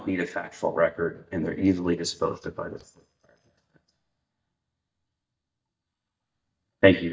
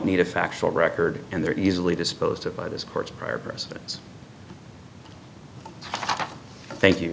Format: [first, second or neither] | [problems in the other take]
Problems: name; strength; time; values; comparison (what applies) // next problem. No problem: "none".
second | noise reduction (neural mask model DeepFilterNet 3)